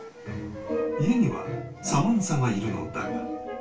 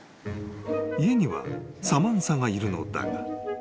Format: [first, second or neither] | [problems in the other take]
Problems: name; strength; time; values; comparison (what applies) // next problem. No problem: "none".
second | background sound (Wind instrument, woodwind instrument); 18 dB below the speech // room echo; dies away in 0.2 s